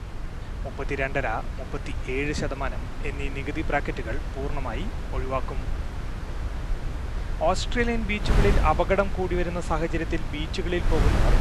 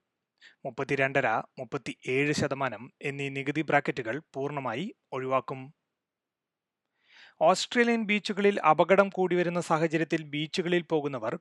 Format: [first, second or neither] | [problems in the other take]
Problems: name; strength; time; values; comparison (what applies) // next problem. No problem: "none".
second | wind noise on the microphone; heavy; 9 dB below the speech